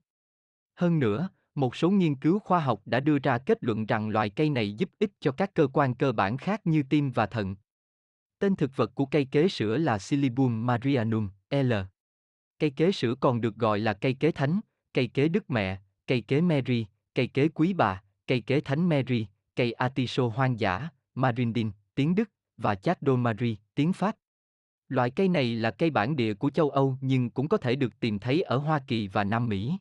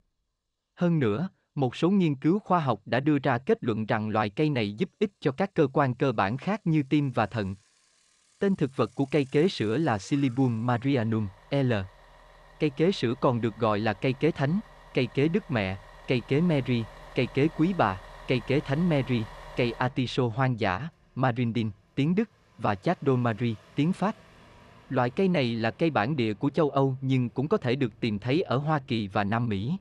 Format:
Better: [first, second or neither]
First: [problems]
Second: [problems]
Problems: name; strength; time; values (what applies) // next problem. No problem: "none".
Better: first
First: none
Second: traffic noise; faint; throughout; 25 dB below the speech